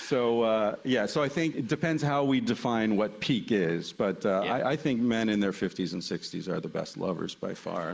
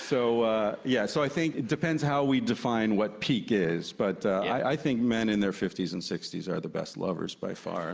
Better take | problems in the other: second | noise reduction (neural mask model Resemble Enhance denoiser)

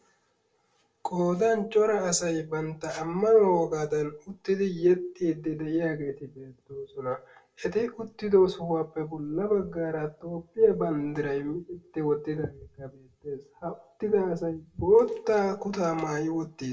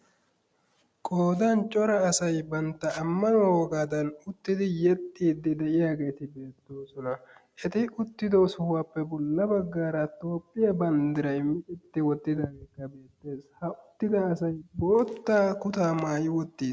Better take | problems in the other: second | room echo; dies away in 0.2 s

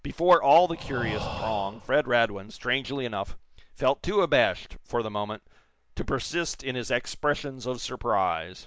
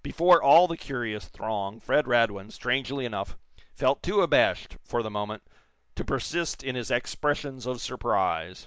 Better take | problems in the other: second | background sound (Breathing); 11 dB below the speech

